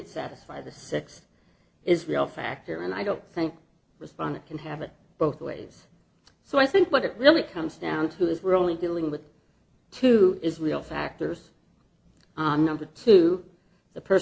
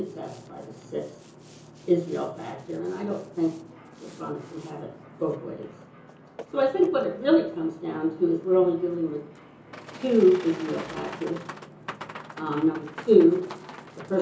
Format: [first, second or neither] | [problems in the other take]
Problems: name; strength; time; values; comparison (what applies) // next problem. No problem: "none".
first | background sound (Boat, Water vehicle); 17 dB below the speech // room echo; dies away in 0.6 s